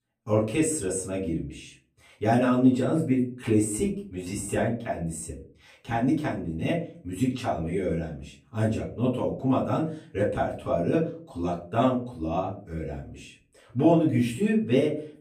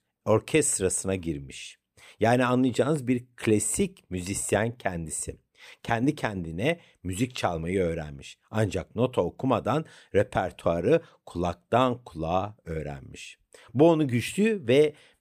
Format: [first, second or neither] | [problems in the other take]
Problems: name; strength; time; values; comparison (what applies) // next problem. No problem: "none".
second | off-mic speech; far // room echo; slight; dies away in 0.4 s